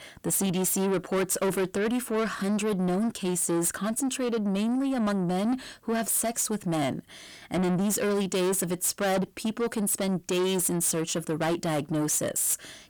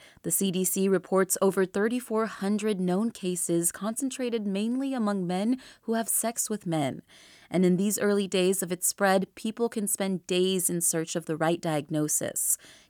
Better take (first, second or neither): second